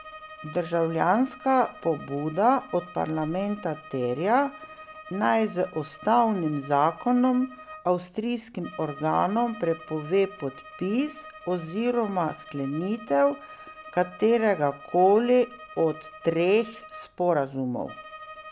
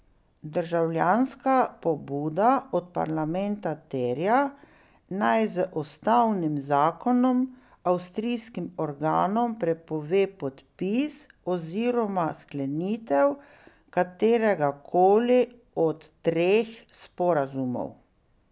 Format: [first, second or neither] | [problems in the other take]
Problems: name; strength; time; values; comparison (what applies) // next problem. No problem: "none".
second | background sound (Bowed string instrument); 19 dB below the speech